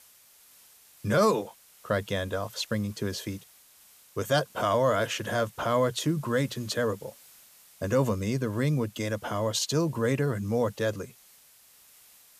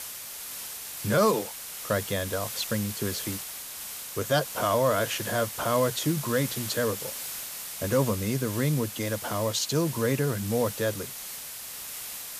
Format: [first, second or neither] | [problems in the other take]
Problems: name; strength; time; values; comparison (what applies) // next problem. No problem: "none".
first | hiss; loud; throughout; 7 dB below the speech; faint in the first